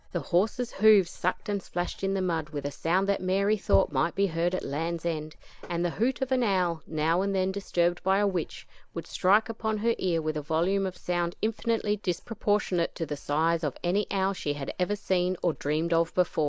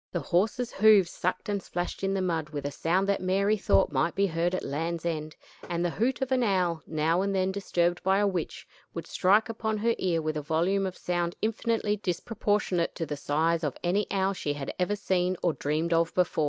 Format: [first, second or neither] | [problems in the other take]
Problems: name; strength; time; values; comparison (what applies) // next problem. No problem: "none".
second | background sound (Writing); 20 dB below the speech